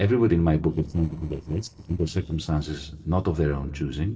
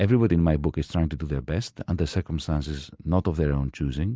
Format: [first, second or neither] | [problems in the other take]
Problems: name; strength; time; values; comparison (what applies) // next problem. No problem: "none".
second | noise reduction (neural separator model SepFormer DNS4)